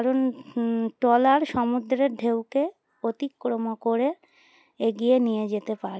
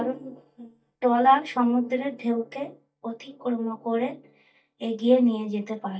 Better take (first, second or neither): first